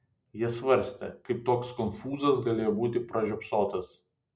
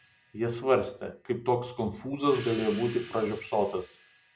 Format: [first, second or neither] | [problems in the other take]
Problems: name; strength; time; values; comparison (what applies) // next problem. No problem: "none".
first | background sound (Cymbal); 20 dB below the speech